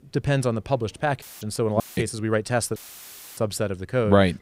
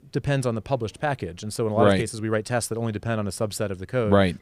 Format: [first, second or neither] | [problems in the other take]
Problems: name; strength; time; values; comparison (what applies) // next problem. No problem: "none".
second | audio cutting out; filled with static; at 1 s, at 2 s and at 3 s for 0.5 s